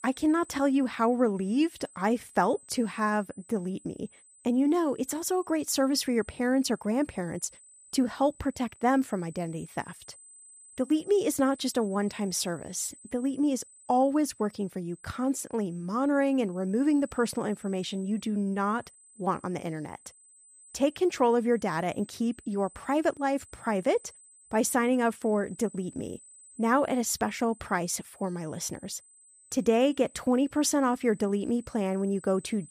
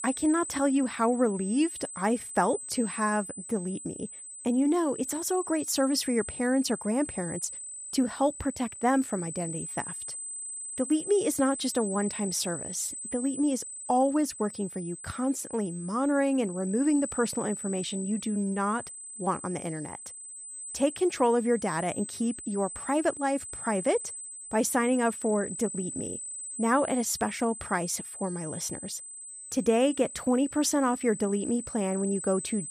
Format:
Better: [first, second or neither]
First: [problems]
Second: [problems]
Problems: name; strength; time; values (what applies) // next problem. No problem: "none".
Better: first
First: high-pitched whine; faint; throughout; 8 kHz, 25 dB below the speech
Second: high-pitched whine; loud; throughout; 8 kHz, 9 dB below the speech